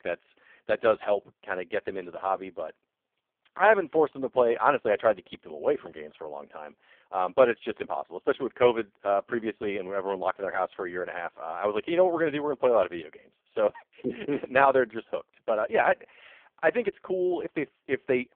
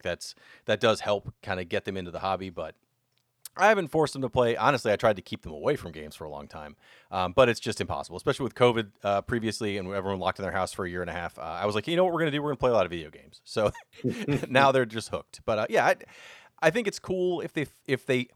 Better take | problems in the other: second | phone-call audio; poor line

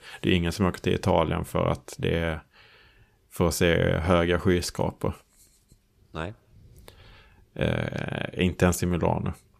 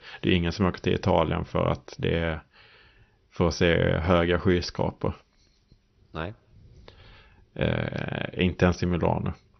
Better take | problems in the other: first | garbled, watery; slightly; nothing above 6 kHz

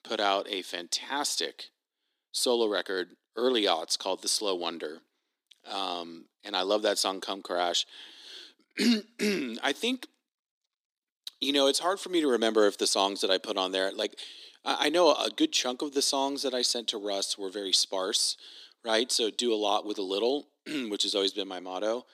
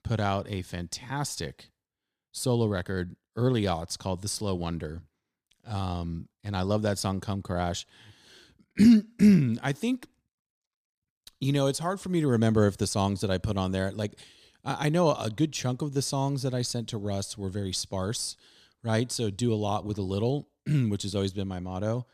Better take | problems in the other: second | thin; somewhat; fading below 300 Hz

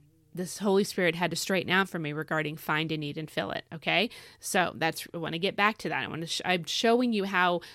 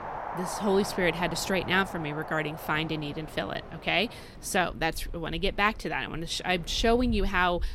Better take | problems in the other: first | wind in the background; noticeable; throughout; 10 dB below the speech

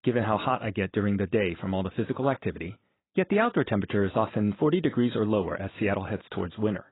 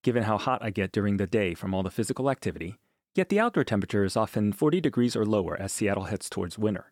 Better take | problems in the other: second | garbled, watery; badly; nothing above 4 kHz

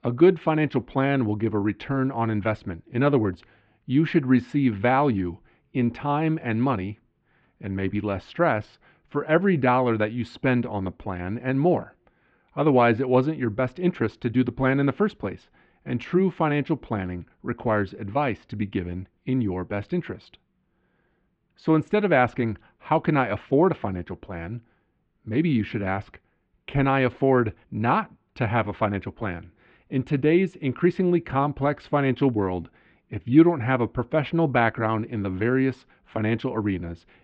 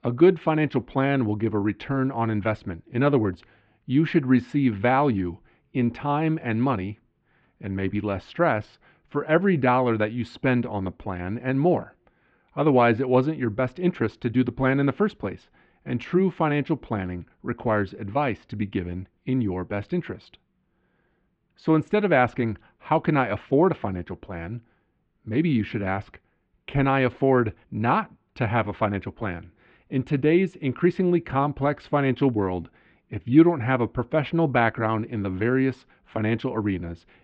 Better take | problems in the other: neither | muffled; very; fading above 3 kHz; the same in both

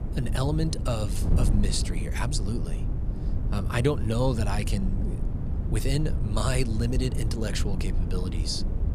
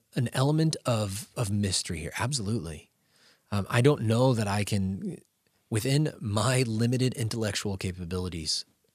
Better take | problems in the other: second | wind noise on the microphone; heavy; 9 dB below the speech

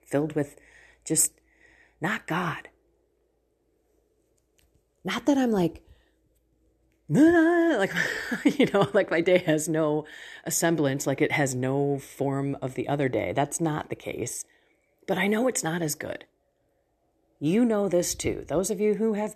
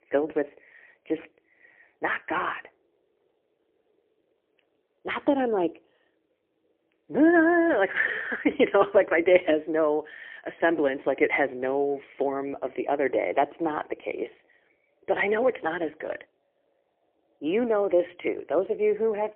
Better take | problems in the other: first | phone-call audio; poor line; nothing above 3 kHz

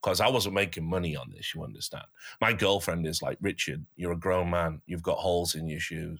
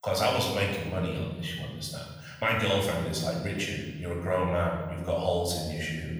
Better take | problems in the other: first | off-mic speech; far // room echo; noticeable; dies away in 1.3 s

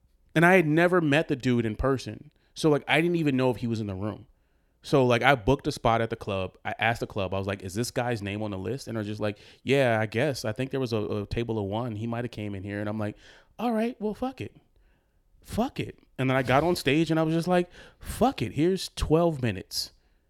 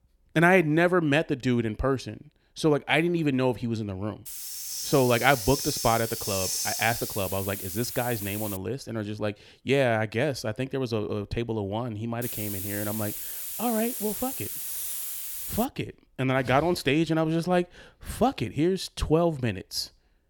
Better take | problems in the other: first | hiss; loud; from 4.5 to 8.5 s and from 12 to 16 s; 5 dB below the speech

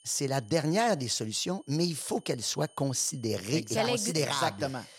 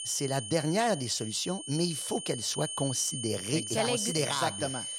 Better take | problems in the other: first | high-pitched whine; loud; throughout; 9 kHz, 6 dB below the speech; faint in the first

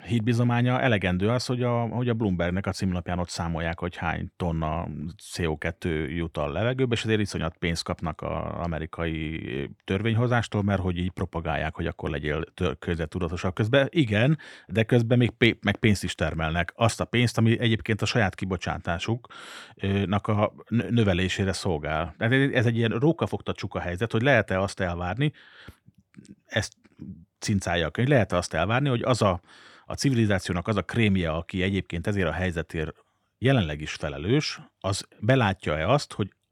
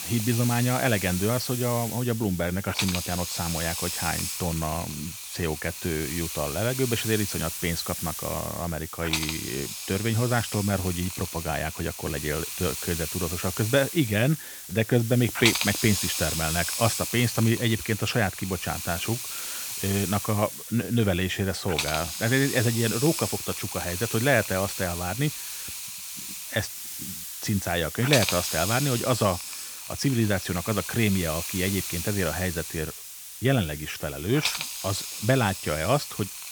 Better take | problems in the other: first | hiss; loud; throughout; 4 dB below the speech

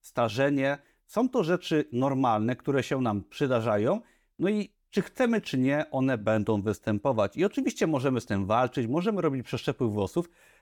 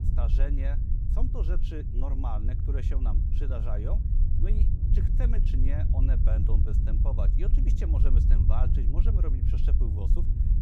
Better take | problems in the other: first | low rumble; loud; throughout; 2 dB below the speech

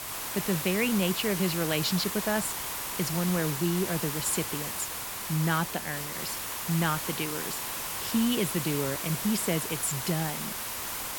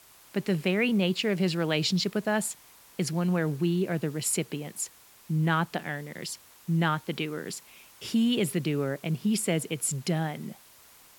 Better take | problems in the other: second | hiss; loud; throughout; 2 dB below the speech; faint in the second

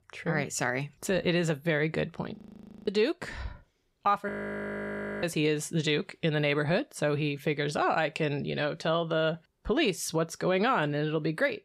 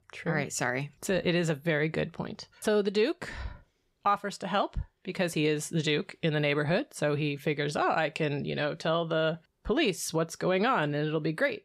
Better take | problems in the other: second | audio freezing; at 2.5 s for 0.5 s and at 4.5 s for 1 s

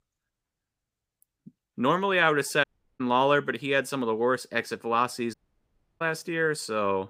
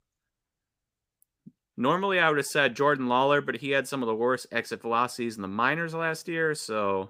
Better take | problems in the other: second | audio cutting out; at 2.5 s and at 5.5 s for 0.5 s

